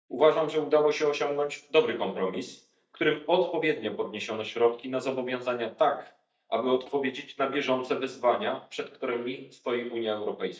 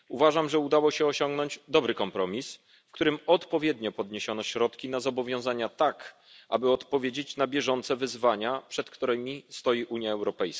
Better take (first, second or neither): second